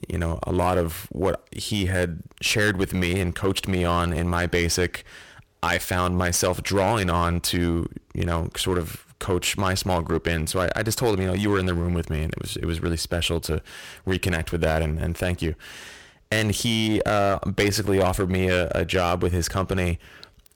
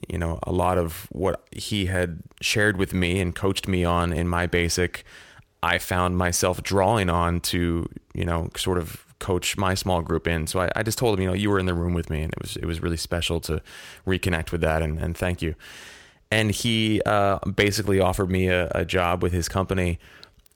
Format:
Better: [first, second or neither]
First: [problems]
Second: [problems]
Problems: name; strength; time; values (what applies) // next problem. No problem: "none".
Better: second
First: distortion; slight; 6% of the sound clipped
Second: none